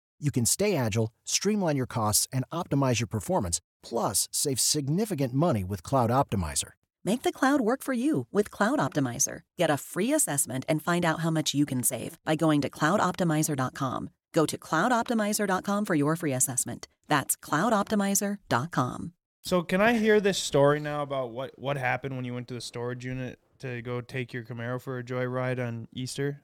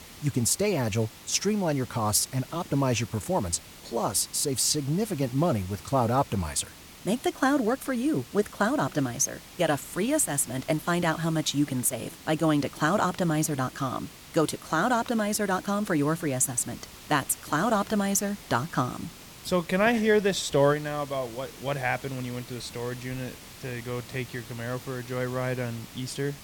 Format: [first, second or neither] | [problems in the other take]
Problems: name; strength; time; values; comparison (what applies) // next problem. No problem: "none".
first | hiss; noticeable; throughout; 20 dB below the speech